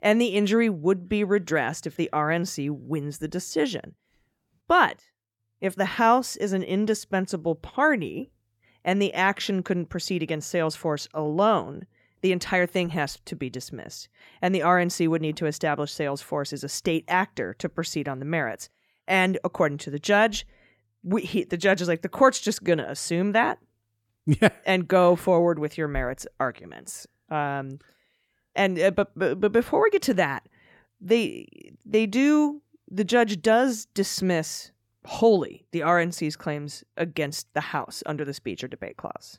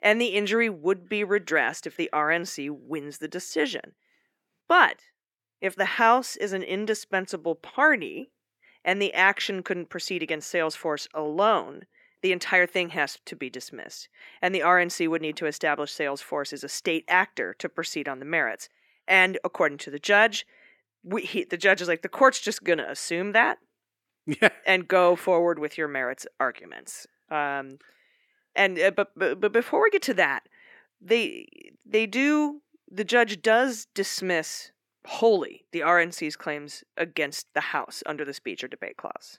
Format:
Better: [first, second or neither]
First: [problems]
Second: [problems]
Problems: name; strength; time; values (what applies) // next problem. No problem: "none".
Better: first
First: none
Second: thin; somewhat; fading below 350 Hz